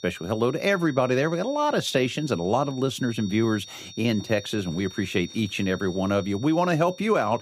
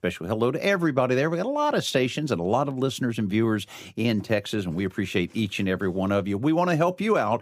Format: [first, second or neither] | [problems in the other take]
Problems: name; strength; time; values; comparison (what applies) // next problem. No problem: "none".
second | high-pitched whine; noticeable; throughout; 3.5 kHz, 20 dB below the speech